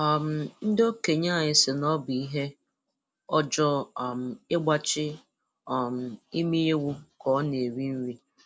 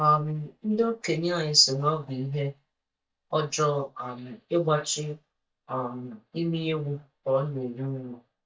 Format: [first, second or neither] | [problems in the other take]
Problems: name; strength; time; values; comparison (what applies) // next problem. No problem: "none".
first | noise reduction (neural mask model DeepFilterNet 3)